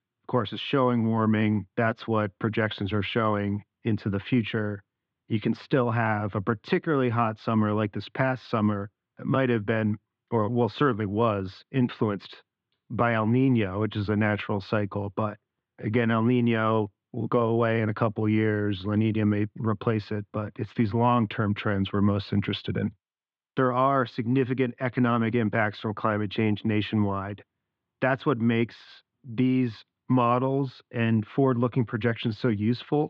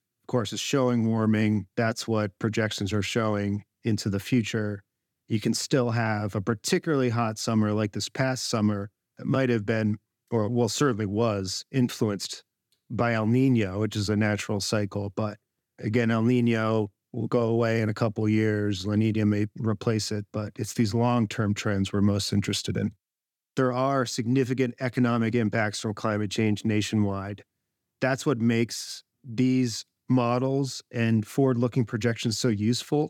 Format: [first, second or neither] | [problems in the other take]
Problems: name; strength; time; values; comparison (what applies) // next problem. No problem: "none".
second | muffled; very; fading above 3.5 kHz